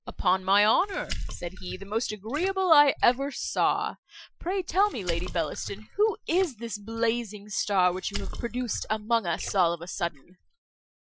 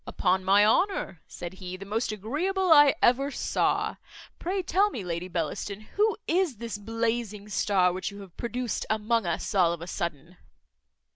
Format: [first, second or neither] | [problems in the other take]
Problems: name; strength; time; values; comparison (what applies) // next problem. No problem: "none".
second | noise reduction (classical method Wiener filter)